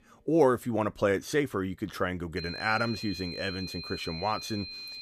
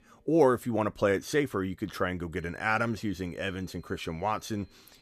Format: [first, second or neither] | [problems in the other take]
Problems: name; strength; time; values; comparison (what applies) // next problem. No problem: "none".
second | high-pitched whine; loud; from 2.5 s on; 4 kHz, 9 dB below the speech; faint in the second